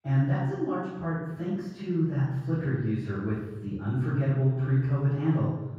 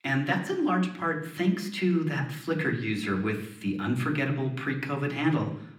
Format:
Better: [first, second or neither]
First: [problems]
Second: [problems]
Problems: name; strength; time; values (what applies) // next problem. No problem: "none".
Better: second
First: room echo; strong; dies away in 1.3 s // off-mic speech; far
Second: room echo; slight; dies away in 0.7 s